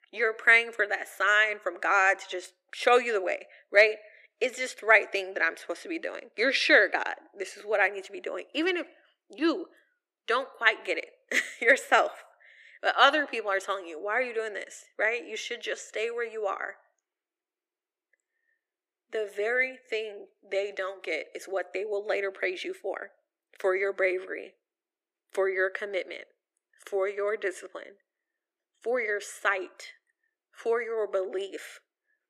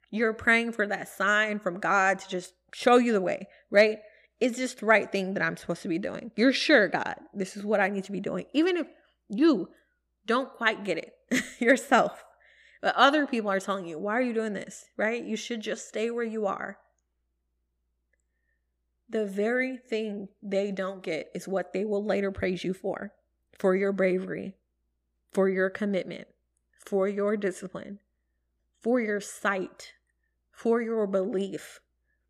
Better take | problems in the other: second | thin; very; fading below 350 Hz

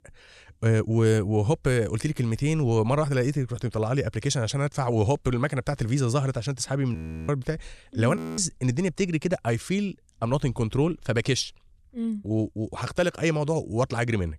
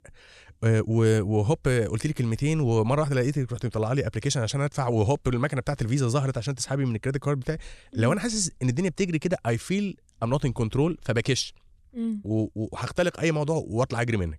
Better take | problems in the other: second | audio freezing; at 7 s and at 8 s

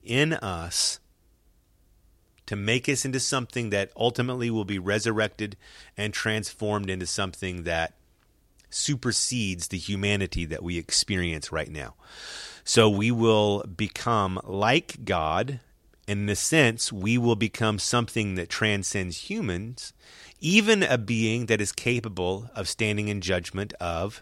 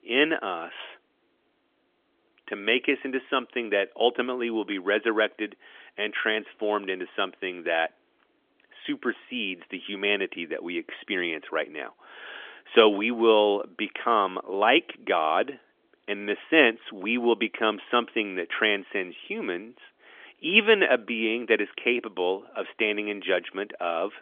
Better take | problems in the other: first | phone-call audio; nothing above 3.5 kHz

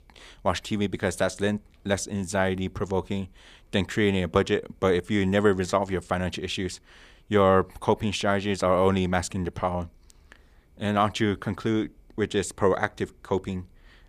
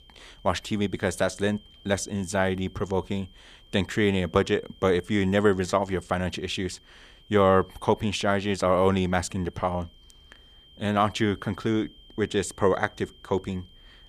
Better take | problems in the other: first | high-pitched whine; faint; throughout; 3 kHz, 25 dB below the speech

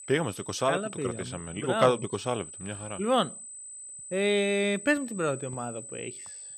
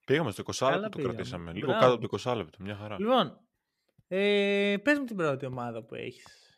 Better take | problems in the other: second | high-pitched whine; noticeable; throughout; 8 kHz, 10 dB below the speech

